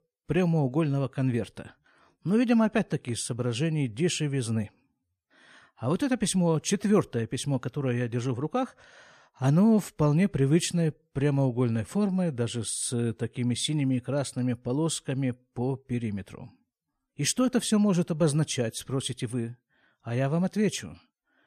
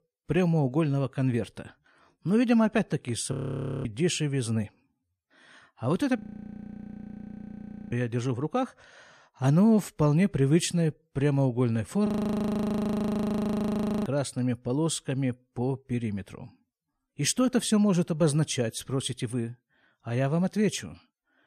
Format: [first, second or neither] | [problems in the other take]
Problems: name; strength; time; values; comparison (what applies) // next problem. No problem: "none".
first | audio freezing; at 3.5 s for 0.5 s, at 6 s for 1.5 s and at 12 s for 2 s